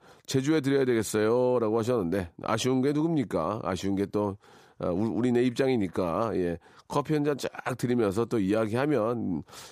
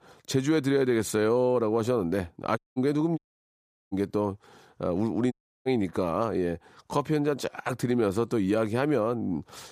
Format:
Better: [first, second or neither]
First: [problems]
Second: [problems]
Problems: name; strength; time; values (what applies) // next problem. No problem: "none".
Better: first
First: none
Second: audio cutting out; at 2.5 s, at 3 s for 0.5 s and at 5.5 s